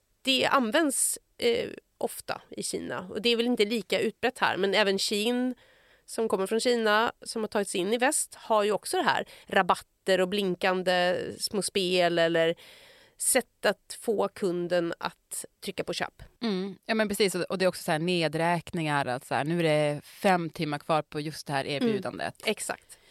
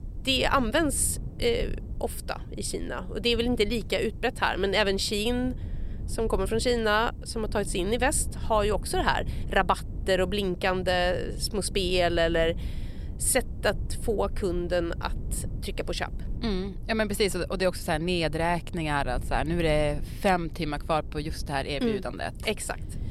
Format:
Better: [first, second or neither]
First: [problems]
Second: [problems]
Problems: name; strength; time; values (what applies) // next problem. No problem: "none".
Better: first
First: none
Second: low rumble; faint; throughout; 25 dB below the speech